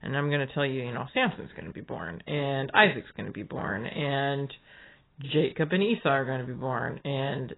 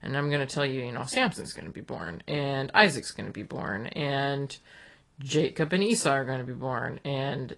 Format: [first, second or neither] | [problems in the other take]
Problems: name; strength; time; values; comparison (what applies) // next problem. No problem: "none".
second | garbled, watery; badly; nothing above 4 kHz; slightly in the second